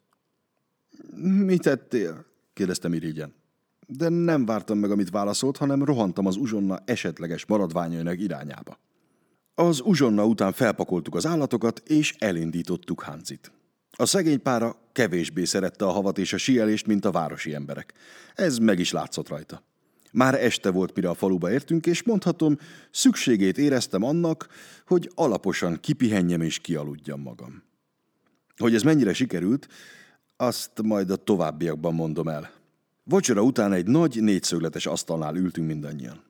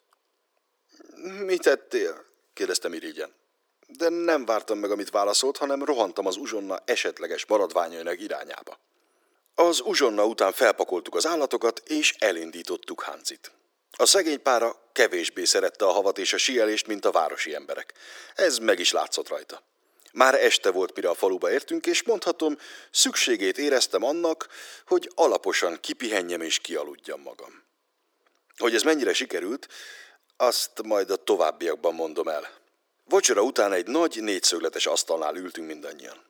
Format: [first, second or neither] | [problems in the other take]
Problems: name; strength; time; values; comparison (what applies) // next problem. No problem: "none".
first | thin; very; fading below 400 Hz